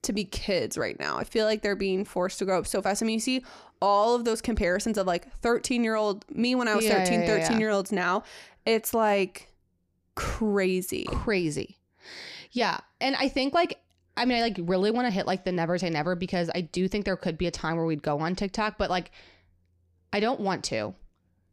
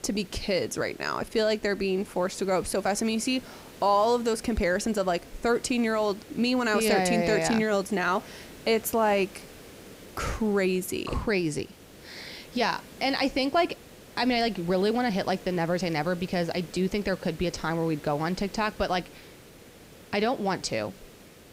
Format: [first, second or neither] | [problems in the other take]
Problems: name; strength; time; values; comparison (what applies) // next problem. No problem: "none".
first | hiss; faint; throughout; 20 dB below the speech